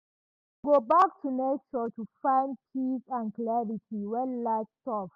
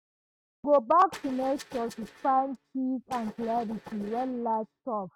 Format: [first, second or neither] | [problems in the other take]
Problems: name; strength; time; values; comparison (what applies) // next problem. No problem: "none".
first | noise reduction (neural mask model RNNoise)